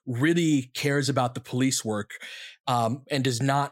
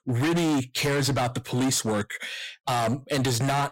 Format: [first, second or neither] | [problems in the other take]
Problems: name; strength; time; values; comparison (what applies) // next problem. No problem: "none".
first | distortion; heavy; 25% of the sound clipped